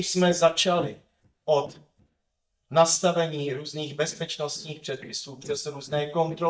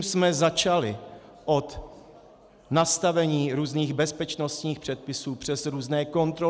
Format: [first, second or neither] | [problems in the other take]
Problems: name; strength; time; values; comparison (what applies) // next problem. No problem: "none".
second | noise reduction (neural mask model DeepFilterNet 3)